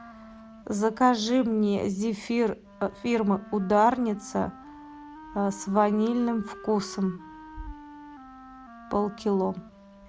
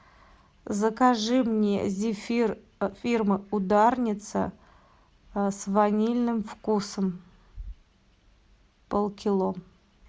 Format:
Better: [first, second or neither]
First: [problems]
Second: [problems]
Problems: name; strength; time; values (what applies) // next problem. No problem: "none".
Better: second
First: background sound (Wind instrument, woodwind instrument); 19 dB below the speech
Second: none